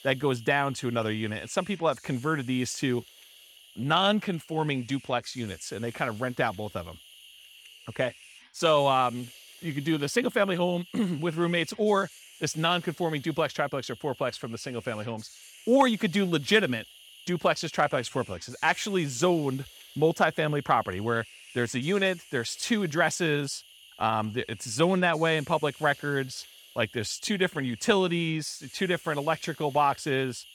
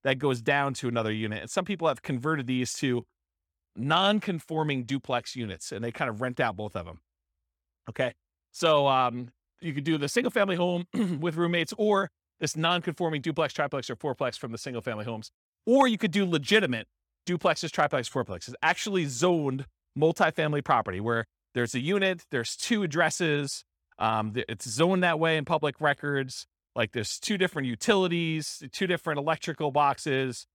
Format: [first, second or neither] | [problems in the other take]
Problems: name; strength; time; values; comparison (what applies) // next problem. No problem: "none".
second | hiss; faint; throughout; 20 dB below the speech